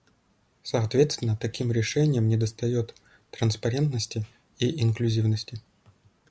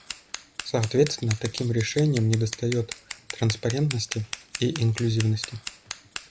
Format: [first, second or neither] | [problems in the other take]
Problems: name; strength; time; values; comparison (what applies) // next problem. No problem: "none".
first | background sound (Scissors); 12 dB below the speech